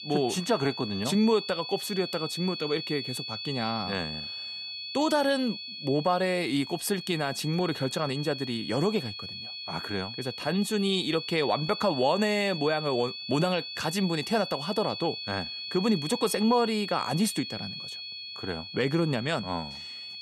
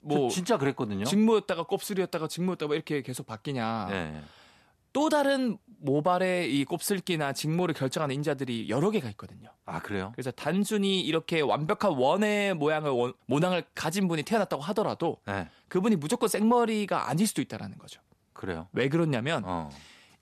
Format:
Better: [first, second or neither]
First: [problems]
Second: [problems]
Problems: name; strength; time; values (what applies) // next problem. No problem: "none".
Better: second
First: high-pitched whine; loud; throughout; 4.5 kHz, 7 dB below the speech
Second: none